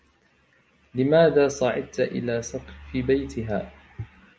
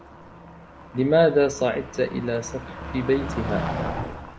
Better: first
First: none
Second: background sound (Motor vehicle (road)); 9 dB below the speech

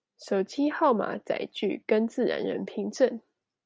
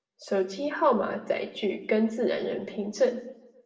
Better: first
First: none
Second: room echo; dies away in 0.6 s

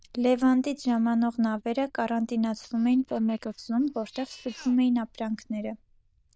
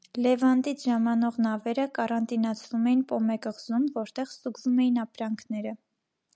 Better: second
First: noise reduction (neural diffusion model UNIVERSE++)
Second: none

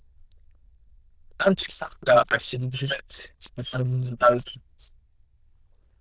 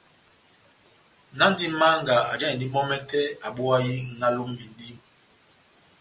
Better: second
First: noise reduction (neural diffusion model UNIVERSE++)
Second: none

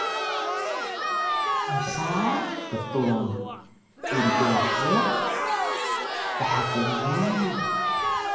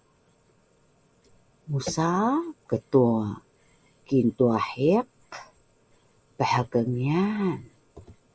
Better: second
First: background sound (Crowd); 2 dB above the speech // room echo; dies away in 1 s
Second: none

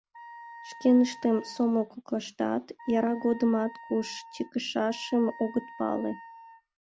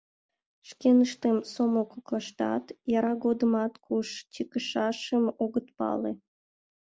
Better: second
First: background sound (Wind instrument, woodwind instrument); 18 dB below the speech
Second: none

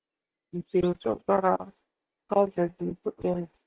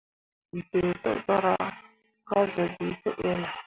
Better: second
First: noise reduction (neural mask model DeepFilterNet 3)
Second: none

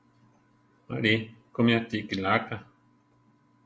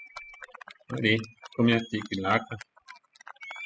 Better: first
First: none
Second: noise reduction (classical method spectral subtraction)

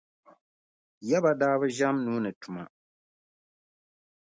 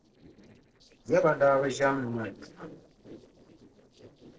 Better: first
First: none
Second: noise reduction (neural separator model SepFormer DNS4)

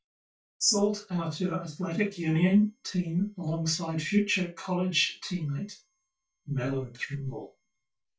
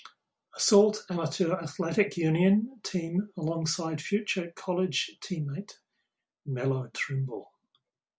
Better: second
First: noise reduction (neural mask model DeepFilterNet 3)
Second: none

